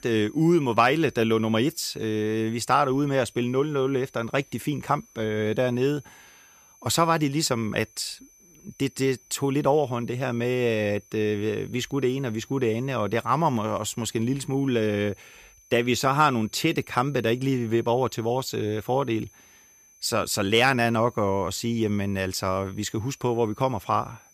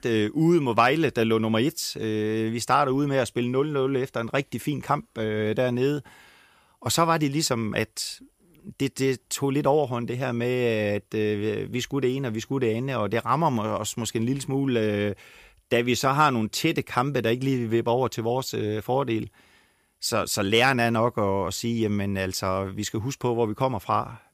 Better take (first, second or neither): second